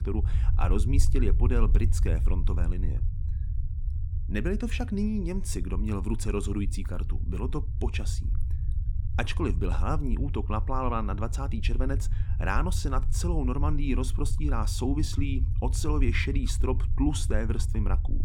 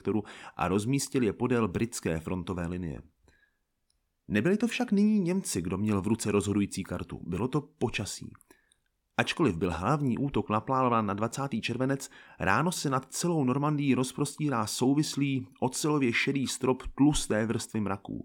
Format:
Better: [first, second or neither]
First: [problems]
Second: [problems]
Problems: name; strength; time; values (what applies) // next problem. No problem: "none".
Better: second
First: low rumble; noticeable; throughout; 15 dB below the speech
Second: none